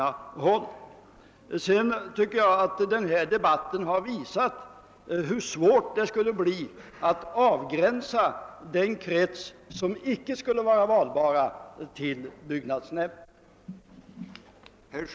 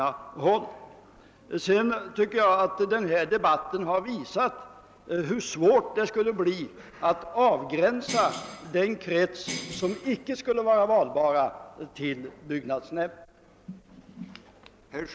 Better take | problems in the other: first | background sound (Bell); 12 dB below the speech

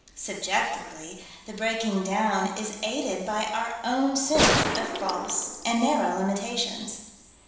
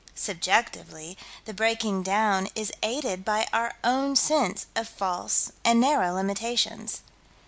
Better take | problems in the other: second | background sound (Gunshot, gunfire); 2 dB above the speech // room echo; dies away in 1.1 s

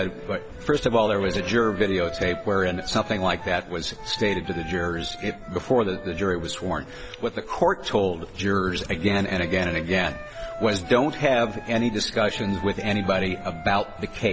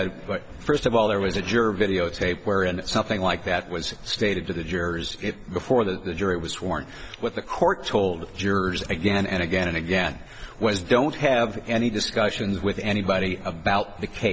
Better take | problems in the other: second | background sound (Wind instrument, woodwind instrument); 15 dB below the speech

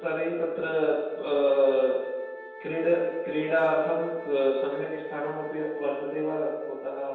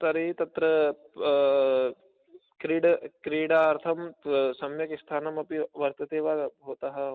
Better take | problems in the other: second | background sound (Wind instrument, woodwind instrument); 18 dB below the speech // room echo; dies away in 1.2 s

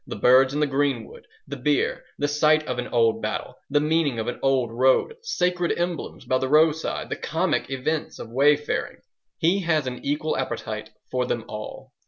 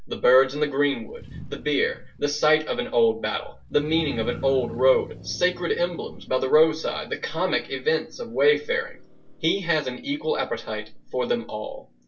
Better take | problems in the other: first | background sound (Motor vehicle (road)); 19 dB below the speech // room echo; dies away in 0.1 s

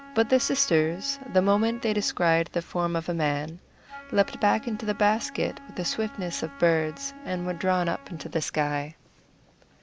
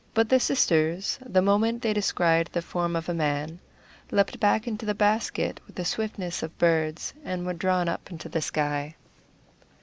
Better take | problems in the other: second | background sound (Wind instrument, woodwind instrument); 19 dB below the speech

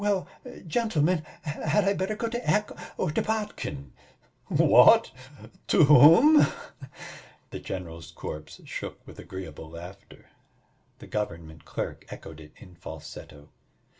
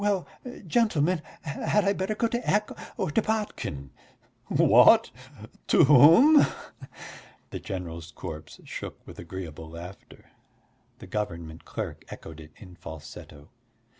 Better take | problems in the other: second | room echo; dies away in 0.2 s

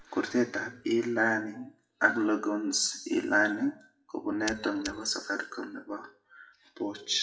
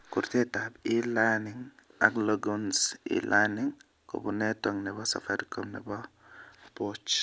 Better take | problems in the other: second | noise reduction (classical method WPE with log-MMSE)

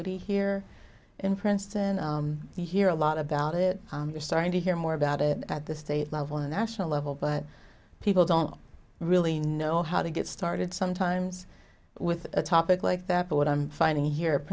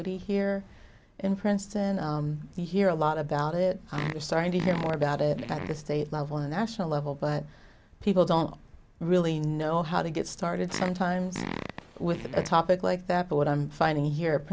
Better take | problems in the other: first | background sound (Fart); 10 dB below the speech

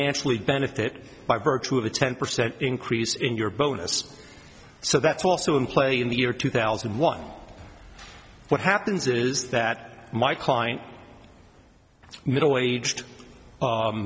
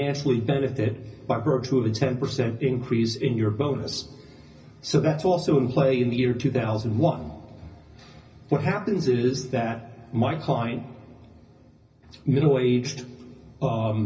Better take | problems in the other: first | room echo; dies away in 0.4 s

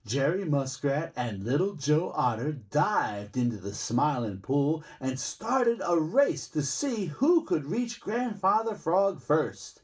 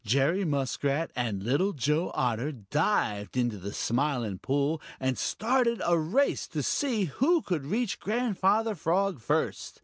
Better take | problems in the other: second | room echo; dies away in 0.2 s

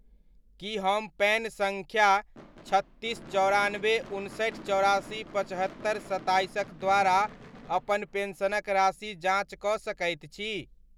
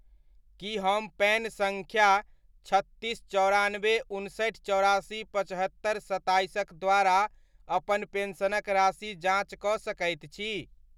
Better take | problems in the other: second | background sound (Gunshot, gunfire / Fireworks); 20 dB below the speech

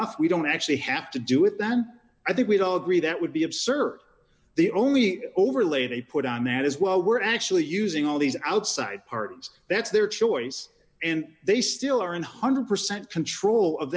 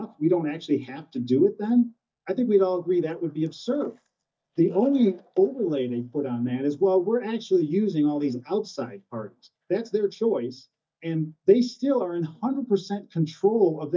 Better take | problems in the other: first | noise reduction (neural mask model DeepFilterNet 3)

